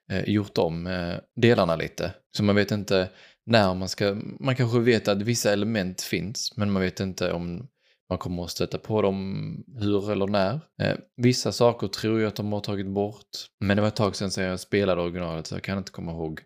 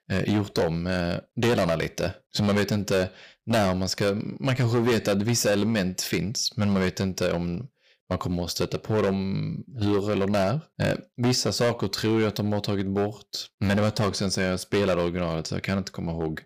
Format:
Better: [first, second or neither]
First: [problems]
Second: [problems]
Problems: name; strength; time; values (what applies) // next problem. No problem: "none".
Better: first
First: none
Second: distortion; heavy; 10% of the sound clipped